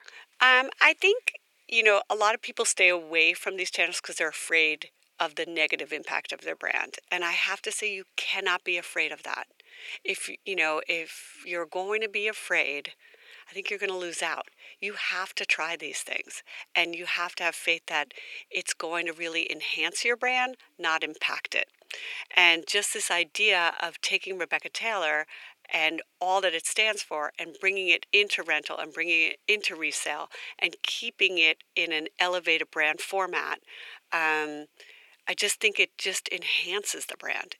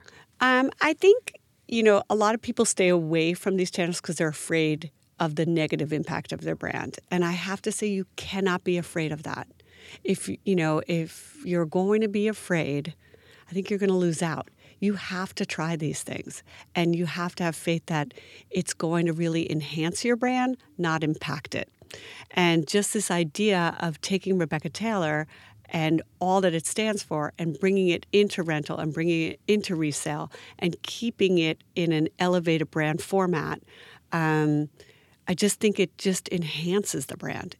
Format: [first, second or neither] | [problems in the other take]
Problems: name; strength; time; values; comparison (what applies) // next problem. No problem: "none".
second | thin; very; fading below 500 Hz